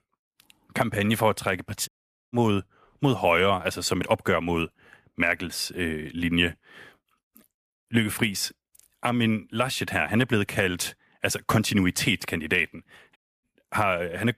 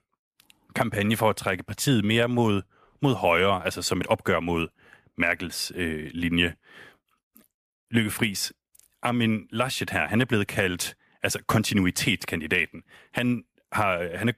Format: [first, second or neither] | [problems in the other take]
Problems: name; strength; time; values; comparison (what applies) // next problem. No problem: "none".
second | audio cutting out; at 2 s and at 13 s